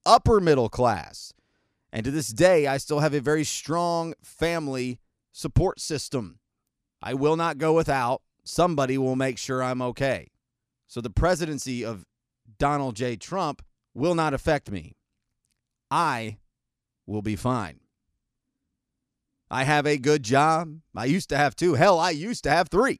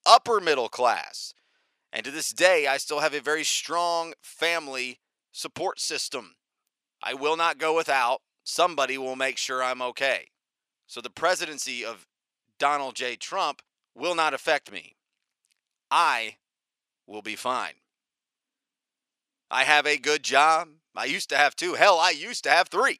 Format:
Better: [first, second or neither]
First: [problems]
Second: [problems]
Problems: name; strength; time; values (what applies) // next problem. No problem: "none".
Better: first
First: none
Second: thin; very; fading below 650 Hz